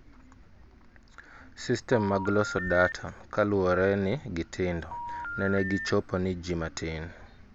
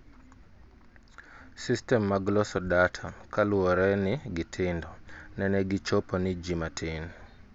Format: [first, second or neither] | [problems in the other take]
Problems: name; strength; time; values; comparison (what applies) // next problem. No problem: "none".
second | background sound (Telephone); 8 dB below the speech